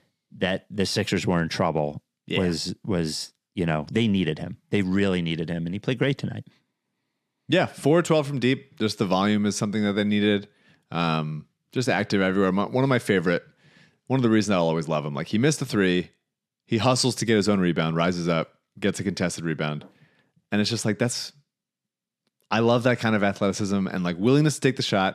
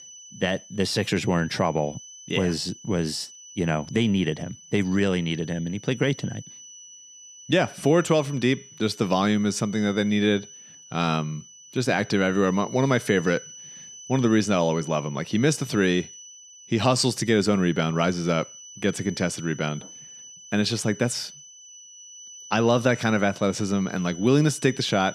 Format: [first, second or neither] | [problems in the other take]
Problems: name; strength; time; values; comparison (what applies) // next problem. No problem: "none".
first | high-pitched whine; noticeable; throughout; 6 kHz, 20 dB below the speech